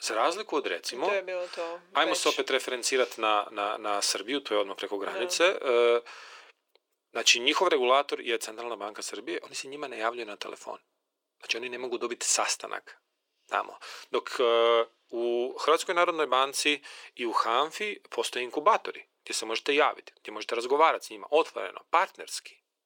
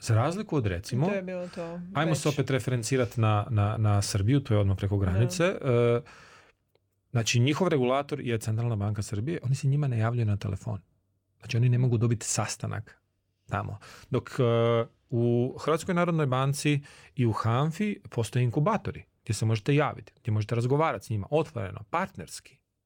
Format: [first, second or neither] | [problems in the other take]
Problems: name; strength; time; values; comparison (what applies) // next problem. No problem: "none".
second | thin; very; fading below 350 Hz